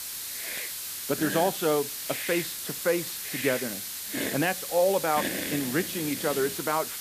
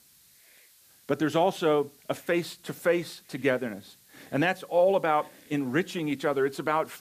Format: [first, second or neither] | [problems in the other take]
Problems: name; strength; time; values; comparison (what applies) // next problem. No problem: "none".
second | hiss; loud; throughout; 3 dB below the speech; faint in the second